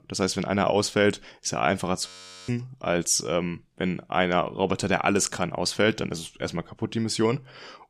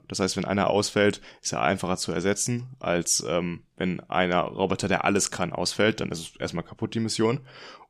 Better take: second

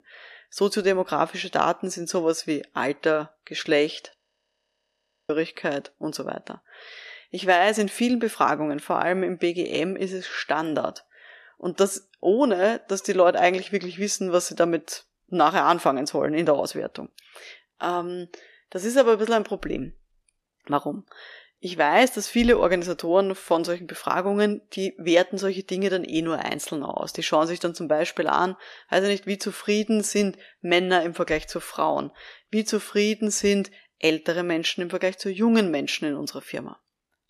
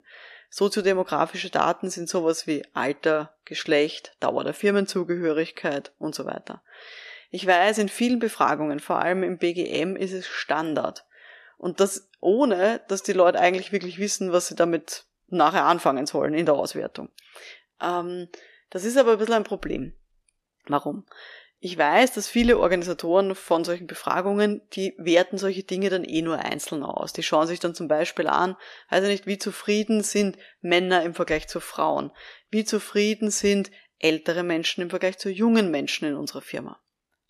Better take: second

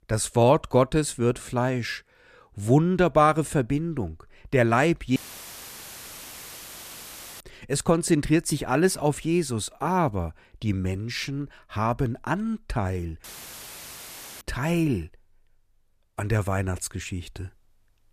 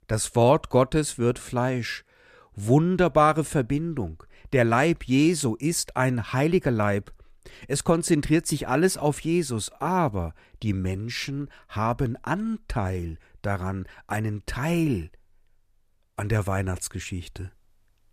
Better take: second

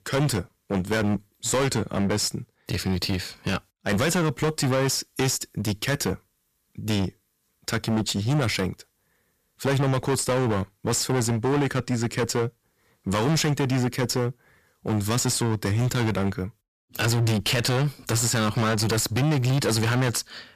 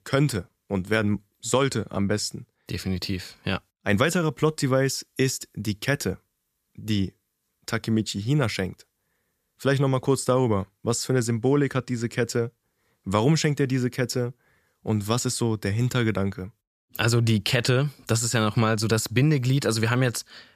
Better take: second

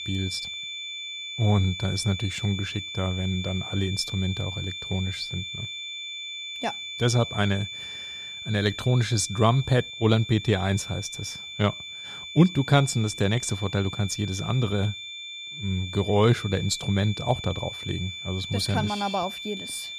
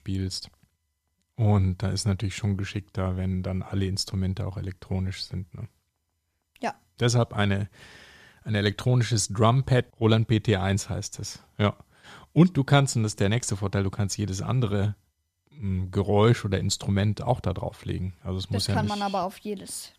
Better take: second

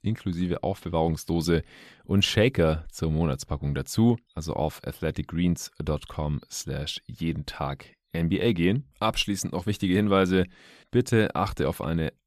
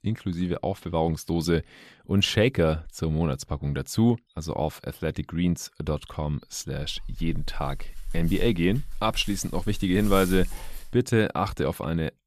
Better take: first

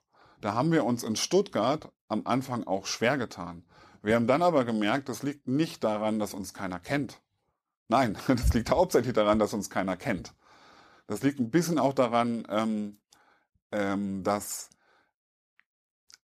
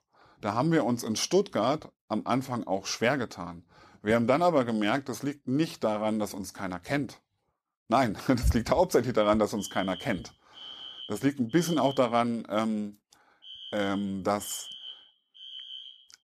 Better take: first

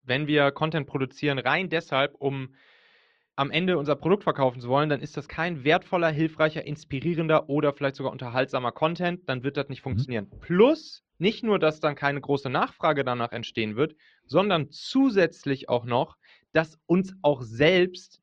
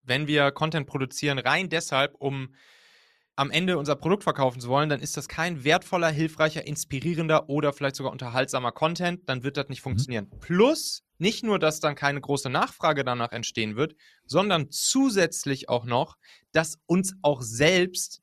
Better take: second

